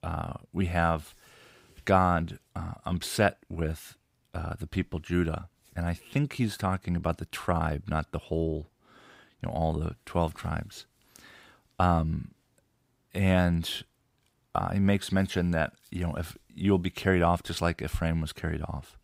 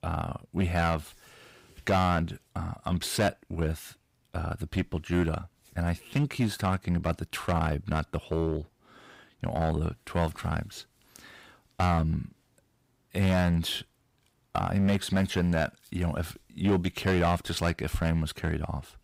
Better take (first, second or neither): first